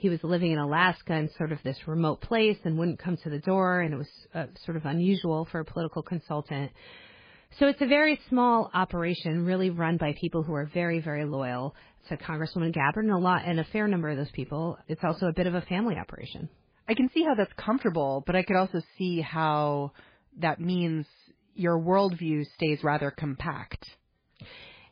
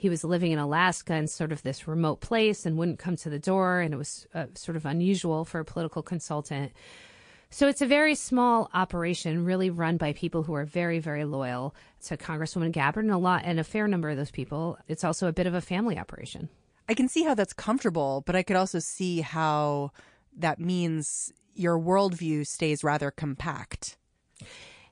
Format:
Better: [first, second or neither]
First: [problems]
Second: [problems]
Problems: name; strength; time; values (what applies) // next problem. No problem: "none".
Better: second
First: garbled, watery; badly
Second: garbled, watery; slightly; nothing above 8 kHz